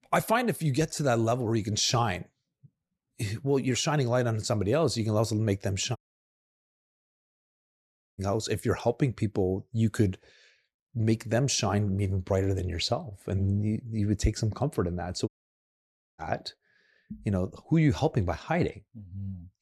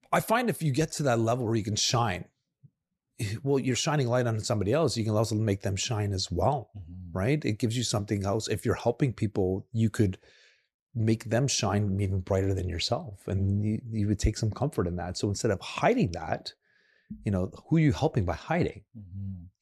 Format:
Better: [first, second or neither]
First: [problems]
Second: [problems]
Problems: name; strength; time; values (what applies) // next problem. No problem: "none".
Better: second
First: audio cutting out; at 6 s for 2 s and at 15 s for 1 s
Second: none